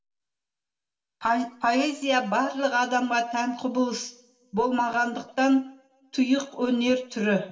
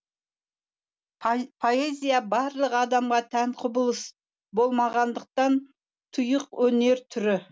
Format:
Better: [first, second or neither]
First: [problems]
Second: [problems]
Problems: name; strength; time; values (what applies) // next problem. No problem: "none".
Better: second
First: room echo; dies away in 0.6 s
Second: none